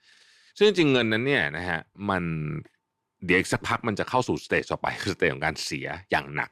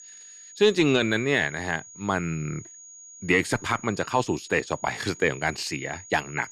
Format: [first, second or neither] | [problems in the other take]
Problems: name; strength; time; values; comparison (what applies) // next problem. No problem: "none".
first | high-pitched whine; noticeable; throughout; 6.5 kHz, 20 dB below the speech